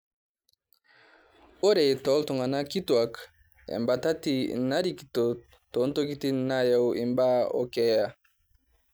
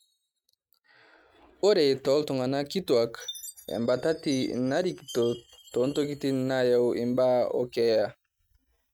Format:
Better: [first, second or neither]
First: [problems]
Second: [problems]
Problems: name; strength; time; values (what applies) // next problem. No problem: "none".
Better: first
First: none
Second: noise reduction (neural mask model RNNoise)